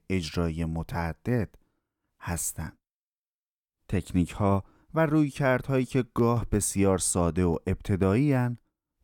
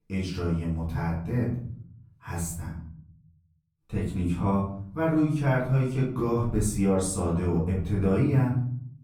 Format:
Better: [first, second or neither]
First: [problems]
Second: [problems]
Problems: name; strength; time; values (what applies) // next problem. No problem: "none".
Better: first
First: none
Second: off-mic speech; far // room echo; noticeable; dies away in 0.8 s